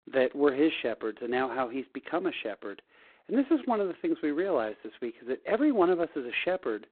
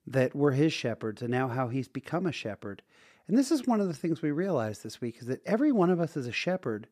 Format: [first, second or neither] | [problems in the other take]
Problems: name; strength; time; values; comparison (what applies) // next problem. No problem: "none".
second | phone-call audio; poor line; nothing above 3.5 kHz